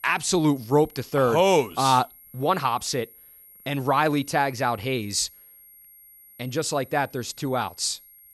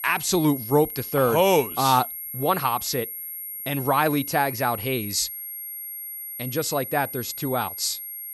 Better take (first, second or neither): first